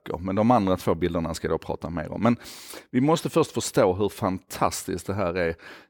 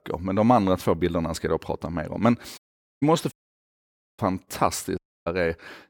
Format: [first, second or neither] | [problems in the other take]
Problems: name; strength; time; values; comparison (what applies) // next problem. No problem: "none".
first | audio cutting out; at 2.5 s, at 3.5 s for 1 s and at 5 s